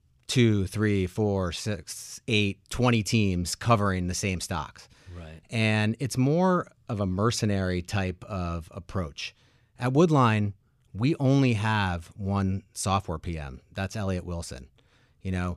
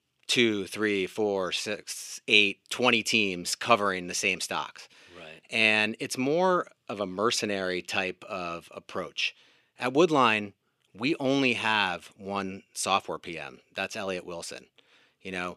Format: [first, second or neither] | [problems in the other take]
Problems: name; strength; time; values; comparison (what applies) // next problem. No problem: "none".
first | thin; somewhat; fading below 350 Hz